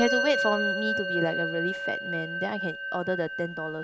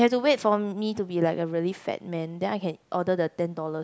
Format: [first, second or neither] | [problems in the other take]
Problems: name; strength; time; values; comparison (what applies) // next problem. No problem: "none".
second | background sound (Musical instrument); 1 dB below the speech